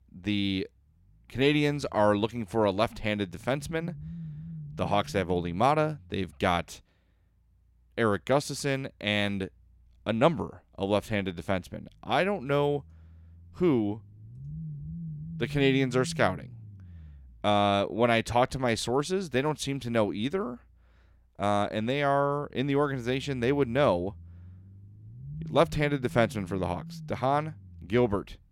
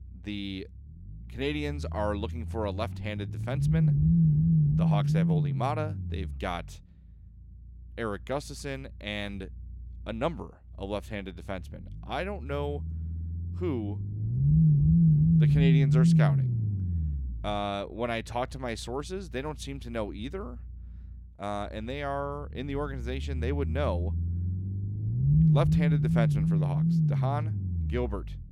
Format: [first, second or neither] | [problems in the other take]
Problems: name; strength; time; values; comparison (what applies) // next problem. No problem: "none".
first | low rumble; loud; throughout; as loud as the speech; faint in the first